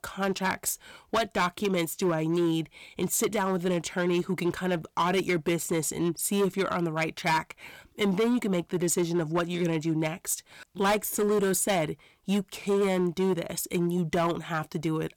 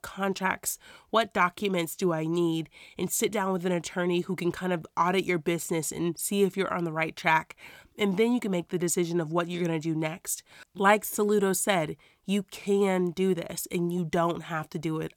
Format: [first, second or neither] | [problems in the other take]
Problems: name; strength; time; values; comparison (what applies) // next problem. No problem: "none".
second | distortion; slight; 8% of the sound clipped